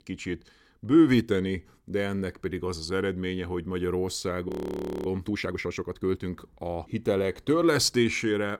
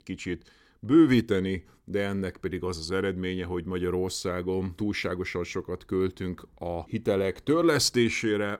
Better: second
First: audio freezing; at 4.5 s for 0.5 s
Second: none

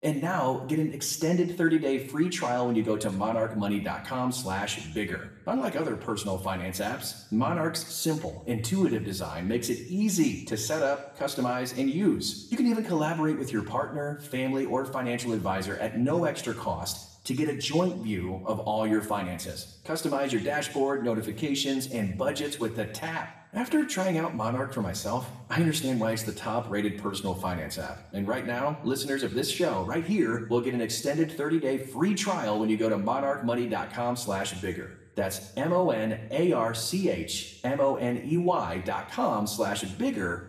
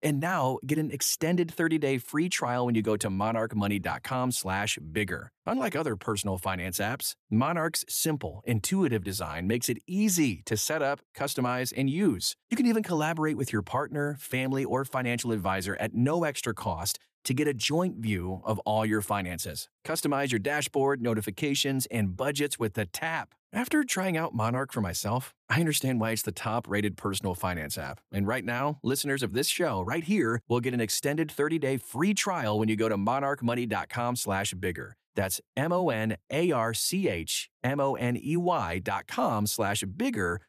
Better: second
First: room echo; slight; dies away in 0.7 s // off-mic speech; somewhat distant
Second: none

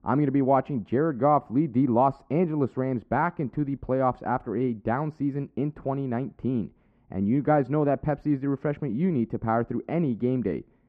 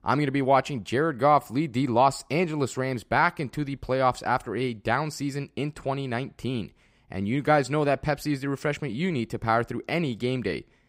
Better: second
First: muffled; very; fading above 3.5 kHz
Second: none

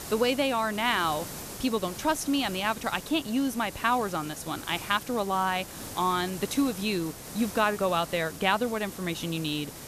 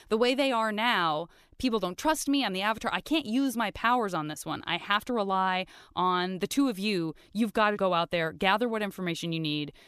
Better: second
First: hiss; noticeable; throughout; 10 dB below the speech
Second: none

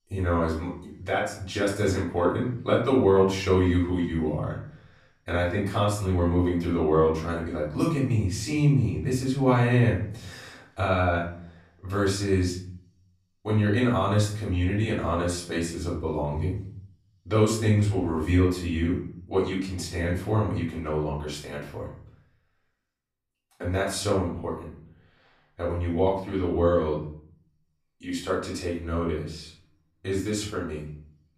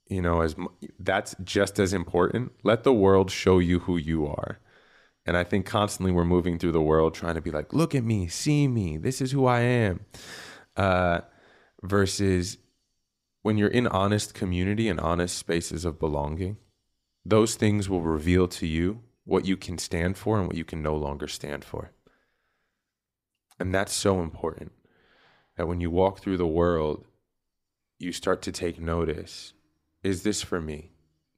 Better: second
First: room echo; noticeable; dies away in 0.5 s // off-mic speech; far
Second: none

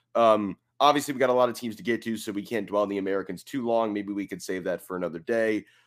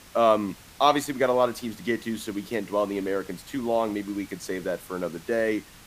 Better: first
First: none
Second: hiss; faint; throughout; 20 dB below the speech

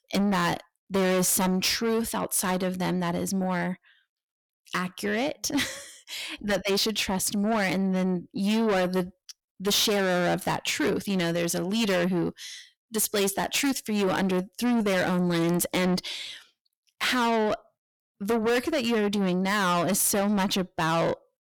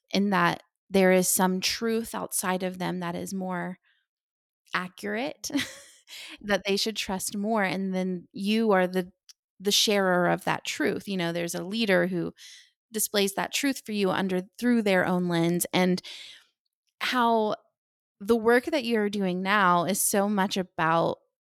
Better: second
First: distortion; heavy; 6 dB below the speech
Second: none

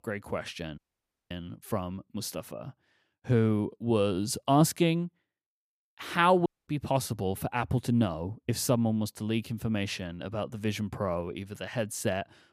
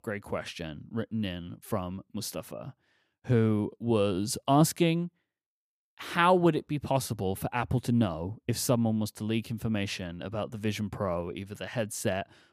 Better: second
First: audio cutting out; at 1 s for 0.5 s and at 6.5 s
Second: none

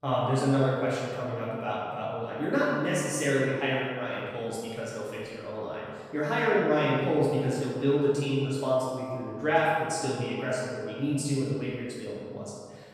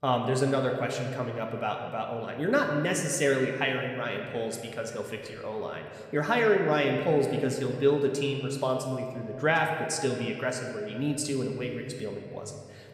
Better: second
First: room echo; strong; dies away in 1.7 s // off-mic speech; far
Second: room echo; slight; dies away in 2 s

